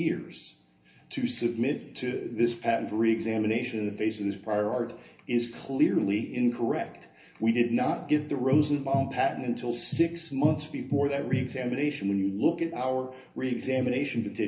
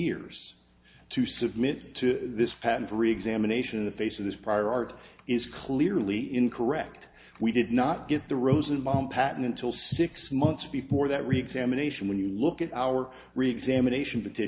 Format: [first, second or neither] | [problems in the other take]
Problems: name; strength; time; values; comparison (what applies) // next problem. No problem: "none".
second | room echo; dies away in 0.3 s